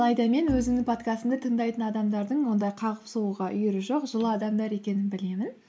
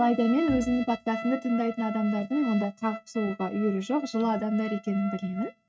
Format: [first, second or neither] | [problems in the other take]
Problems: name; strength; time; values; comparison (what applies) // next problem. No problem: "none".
first | noise reduction (neural mask model RNNoise)